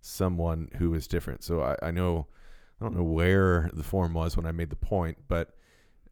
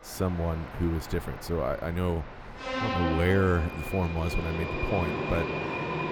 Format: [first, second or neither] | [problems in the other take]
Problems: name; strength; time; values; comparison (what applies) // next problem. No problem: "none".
first | train or aircraft noise; loud; throughout; 4 dB below the speech